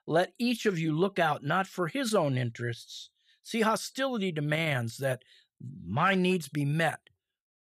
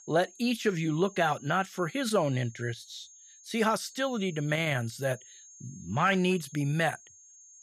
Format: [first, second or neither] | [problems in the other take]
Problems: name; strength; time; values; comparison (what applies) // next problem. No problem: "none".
first | high-pitched whine; faint; throughout; 6.5 kHz, 20 dB below the speech